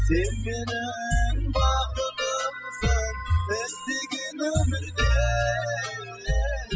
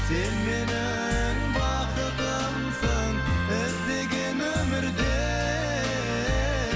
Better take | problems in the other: second | noise reduction (classical method spectral subtraction)

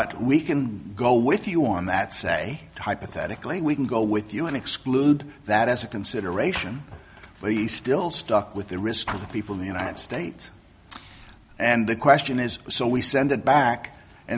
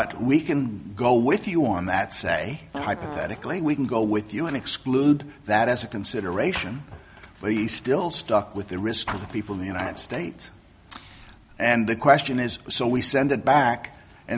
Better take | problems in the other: first | background sound (Fart); 12 dB below the speech

